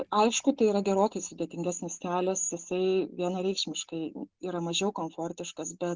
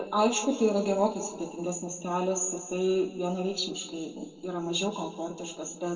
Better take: first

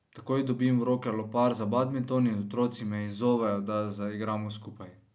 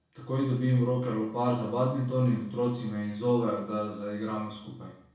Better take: first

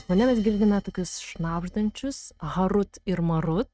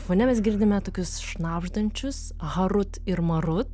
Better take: second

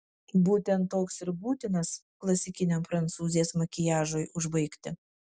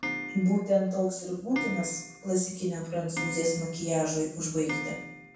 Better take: first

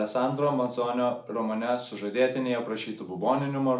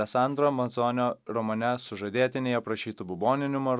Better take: second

